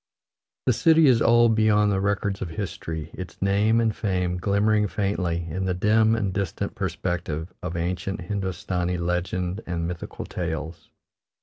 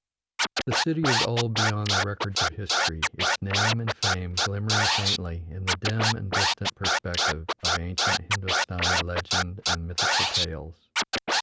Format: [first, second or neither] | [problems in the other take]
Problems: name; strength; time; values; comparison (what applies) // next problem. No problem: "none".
first | background sound (Scratching (performance technique)); 4 dB above the speech